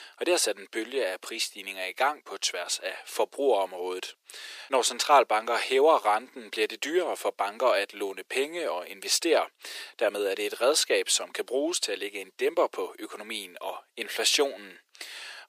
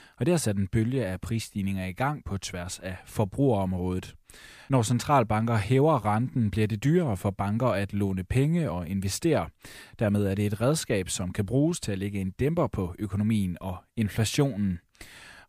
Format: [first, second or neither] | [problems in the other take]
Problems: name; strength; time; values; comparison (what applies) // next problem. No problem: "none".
second | thin; very; fading below 350 Hz